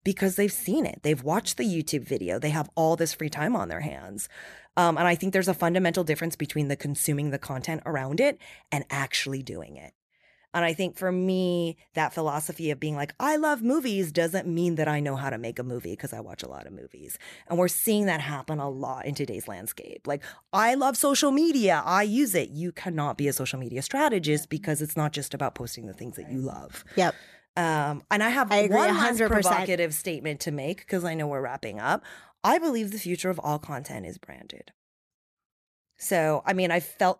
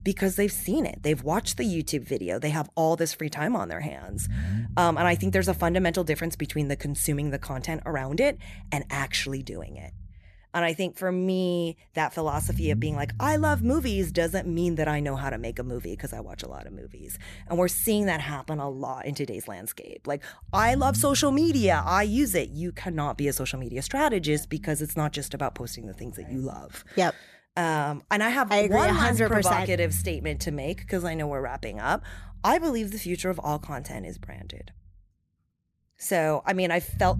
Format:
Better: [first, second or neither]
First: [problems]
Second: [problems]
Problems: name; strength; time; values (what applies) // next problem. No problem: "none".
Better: first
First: none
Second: low rumble; faint; throughout; 25 dB below the speech